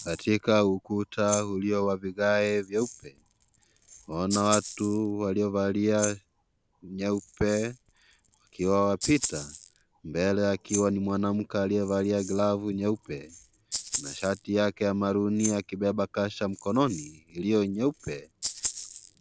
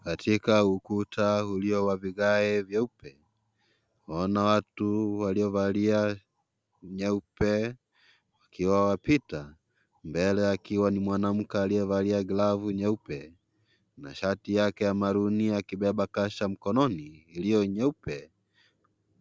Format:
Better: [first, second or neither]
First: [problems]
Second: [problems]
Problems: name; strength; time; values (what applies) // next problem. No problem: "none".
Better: second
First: background sound (Rattle (instrument)); 13 dB below the speech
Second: none